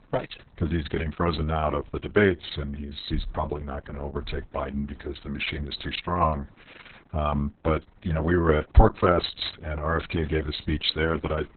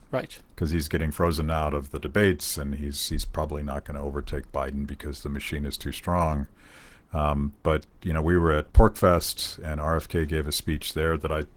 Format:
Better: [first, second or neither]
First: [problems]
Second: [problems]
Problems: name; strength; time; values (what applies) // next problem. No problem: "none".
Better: second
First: garbled, watery; badly; nothing above 4 kHz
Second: garbled, watery; slightly; nothing above 15.5 kHz